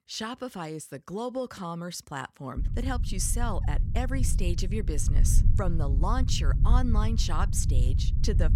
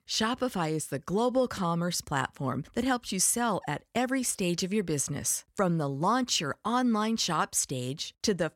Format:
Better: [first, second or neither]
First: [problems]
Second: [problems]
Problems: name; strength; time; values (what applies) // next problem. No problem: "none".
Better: second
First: low rumble; noticeable; from 2.5 s on; 10 dB below the speech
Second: none